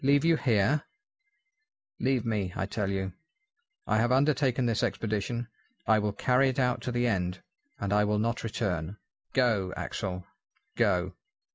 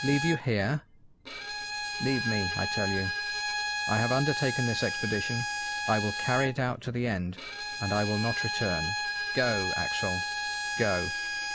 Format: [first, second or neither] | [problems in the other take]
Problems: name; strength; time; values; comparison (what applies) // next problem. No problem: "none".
first | background sound (Bowed string instrument); 2 dB below the speech